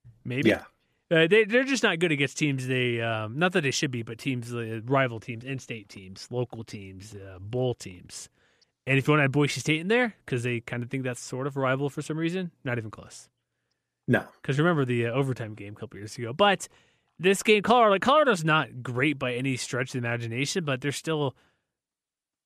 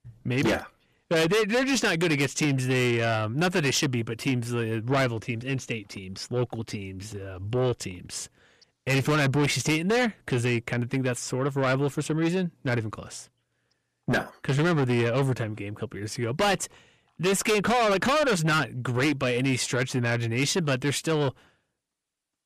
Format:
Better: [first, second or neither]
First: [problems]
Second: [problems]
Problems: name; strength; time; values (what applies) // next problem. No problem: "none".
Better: first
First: none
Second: distortion; heavy; 6 dB below the speech